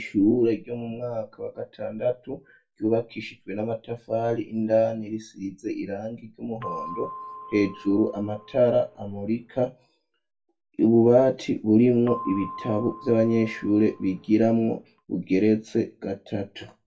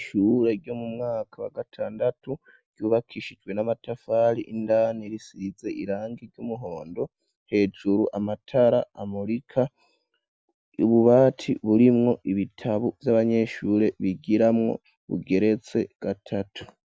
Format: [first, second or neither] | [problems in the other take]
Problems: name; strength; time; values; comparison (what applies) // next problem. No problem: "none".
second | background sound (Percussion); 15 dB below the speech // room echo; dies away in 0.2 s